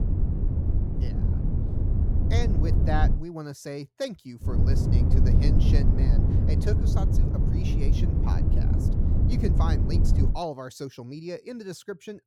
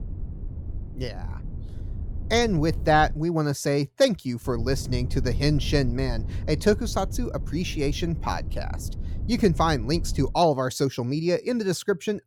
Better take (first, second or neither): second